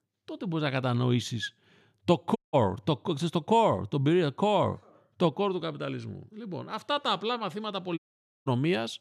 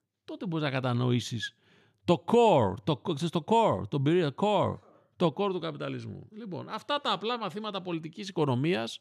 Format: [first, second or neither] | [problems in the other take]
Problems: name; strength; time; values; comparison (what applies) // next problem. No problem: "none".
second | audio cutting out; at 2.5 s and at 8 s